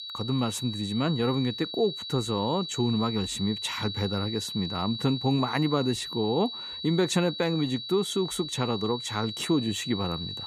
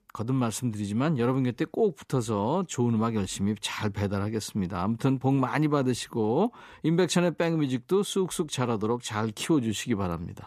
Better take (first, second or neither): second